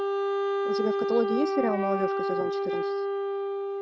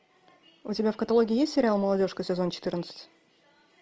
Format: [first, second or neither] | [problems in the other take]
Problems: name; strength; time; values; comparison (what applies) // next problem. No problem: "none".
second | noise reduction (neural mask model RNNoise)